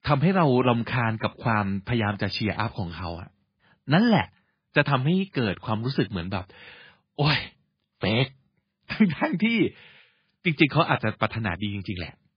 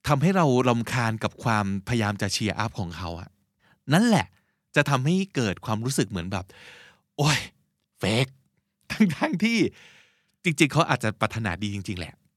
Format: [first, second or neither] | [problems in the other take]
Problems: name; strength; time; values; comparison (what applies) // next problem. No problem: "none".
second | garbled, watery; badly; nothing above 5 kHz